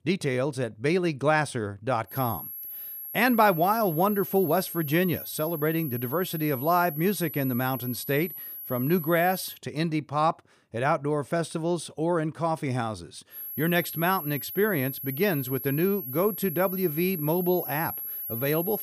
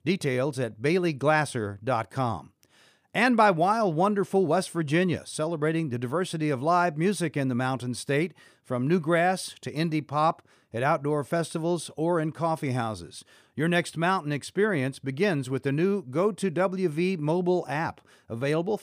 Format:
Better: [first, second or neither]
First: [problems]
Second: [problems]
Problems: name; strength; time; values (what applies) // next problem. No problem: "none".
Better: second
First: high-pitched whine; loud; from 2 to 9.5 s and from 13 s on; 11.5 kHz, 8 dB below the speech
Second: none